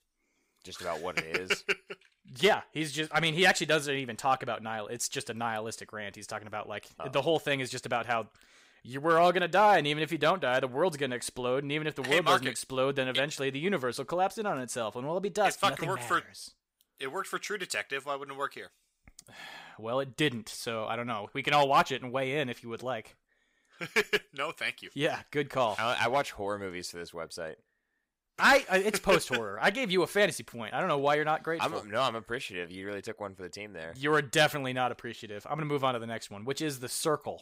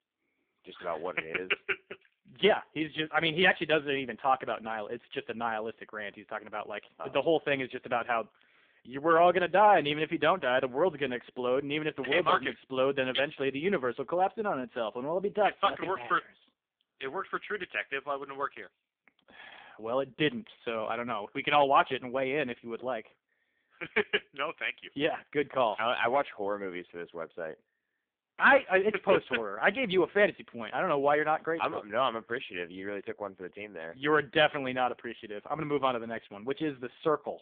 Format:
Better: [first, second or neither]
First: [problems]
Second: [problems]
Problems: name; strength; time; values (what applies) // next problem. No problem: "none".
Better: first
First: none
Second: phone-call audio; poor line; nothing above 3.5 kHz